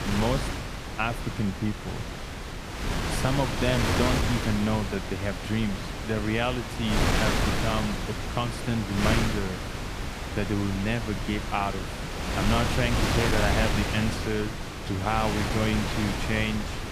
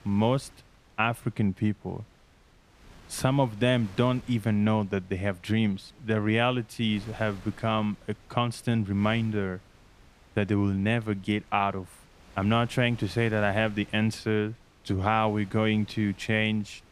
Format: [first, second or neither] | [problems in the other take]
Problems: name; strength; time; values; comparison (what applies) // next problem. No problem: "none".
second | wind noise on the microphone; heavy; as loud as the speech; occasional gusts in the second